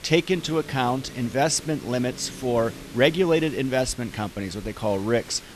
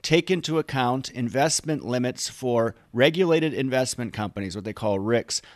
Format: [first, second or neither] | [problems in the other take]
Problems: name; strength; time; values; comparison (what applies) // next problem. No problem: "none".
second | hiss; noticeable; throughout; 15 dB below the speech